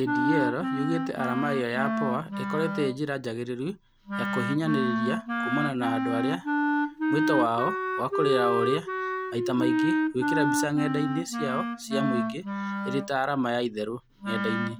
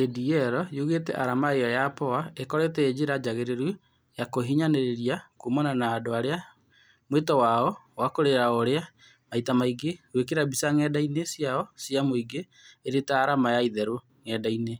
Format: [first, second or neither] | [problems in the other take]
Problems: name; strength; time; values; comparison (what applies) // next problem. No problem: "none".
second | background sound (Wind instrument, woodwind instrument); 1 dB above the speech